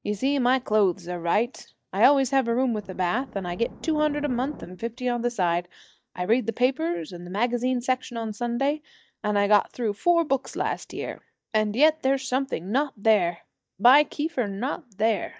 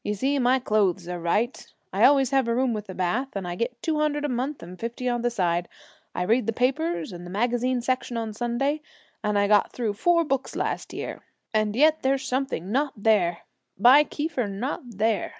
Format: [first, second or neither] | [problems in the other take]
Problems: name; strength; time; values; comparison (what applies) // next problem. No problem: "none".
second | noise reduction (neural mask model DeepFilterNet 3)